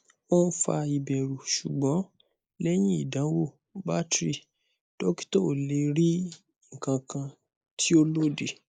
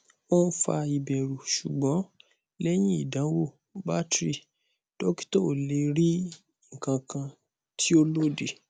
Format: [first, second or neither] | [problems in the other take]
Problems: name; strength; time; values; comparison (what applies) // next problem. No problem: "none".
second | noise reduction (neural mask model Resemble Enhance denoiser)